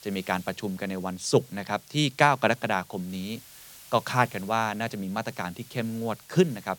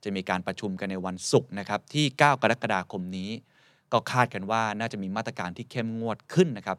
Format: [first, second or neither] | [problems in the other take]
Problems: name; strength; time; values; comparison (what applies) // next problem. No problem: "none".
second | hiss; faint; throughout; 20 dB below the speech